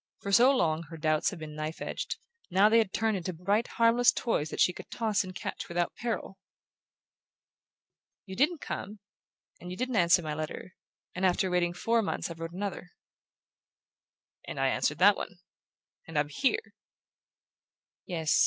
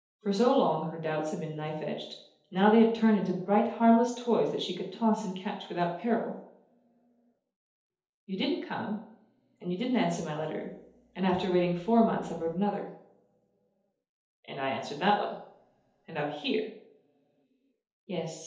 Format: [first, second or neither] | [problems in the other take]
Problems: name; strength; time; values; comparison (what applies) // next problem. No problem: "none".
first | room echo; dies away in 2.2 s